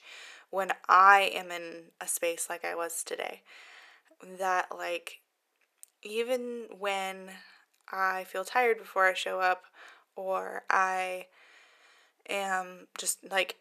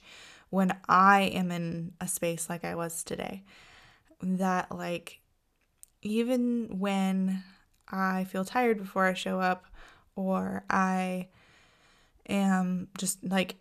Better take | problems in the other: second | thin; very; fading below 400 Hz

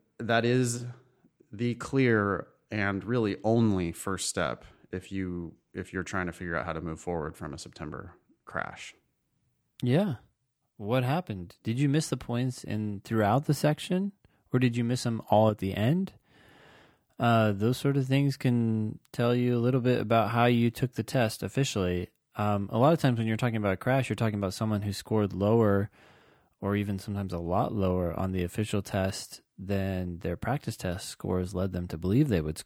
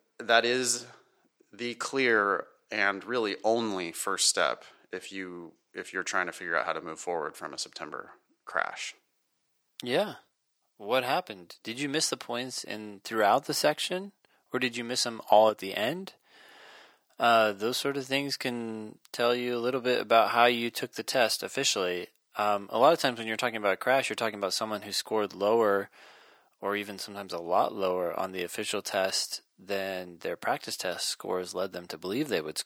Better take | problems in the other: first | thin; very; fading below 500 Hz

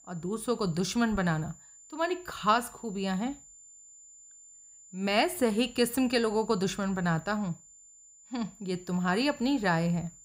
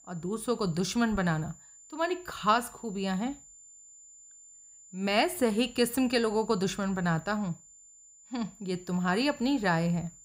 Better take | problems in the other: neither | high-pitched whine; faint; throughout; 7 kHz, 20 dB below the speech; the same in both

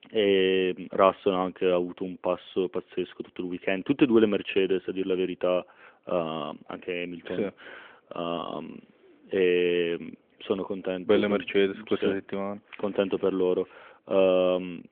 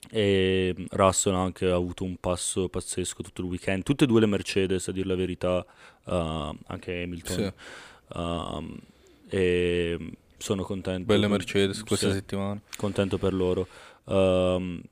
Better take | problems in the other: second | phone-call audio; nothing above 3.5 kHz

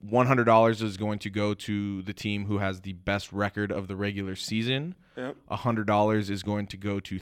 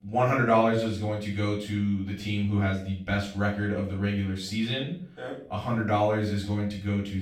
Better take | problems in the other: first | room echo; noticeable; dies away in 0.4 s // off-mic speech; far

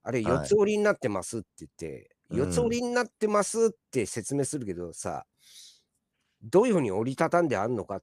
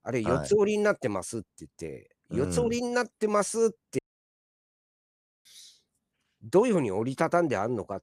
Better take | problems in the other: first | audio cutting out; at 4 s for 1.5 s

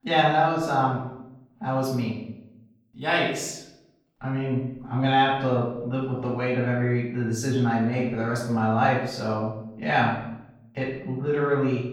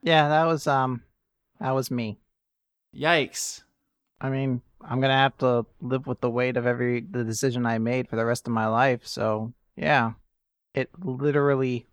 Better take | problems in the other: second | off-mic speech; far // room echo; noticeable; dies away in 0.7 s

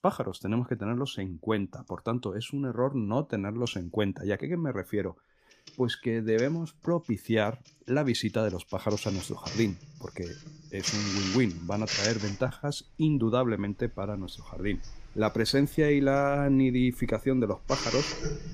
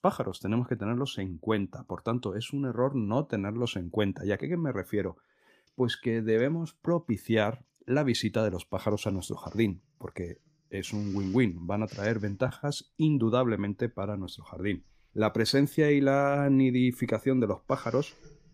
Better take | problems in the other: second | household noises; loud; throughout; 7 dB below the speech; faint in the second

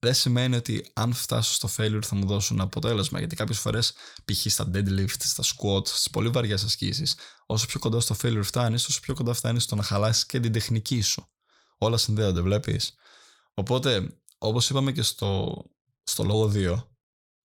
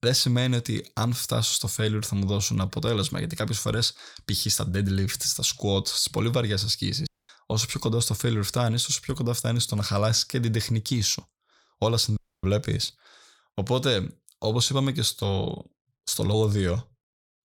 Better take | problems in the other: first | audio cutting out; at 7 s and at 12 s

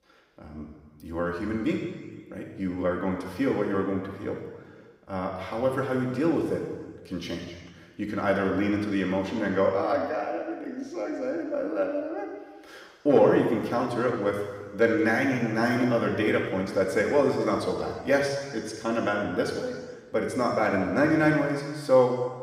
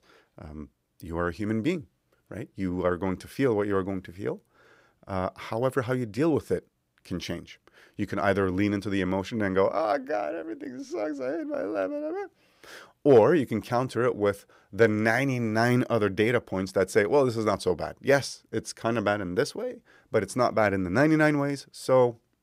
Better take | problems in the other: second | room echo; noticeable; dies away in 1.4 s // off-mic speech; somewhat distant

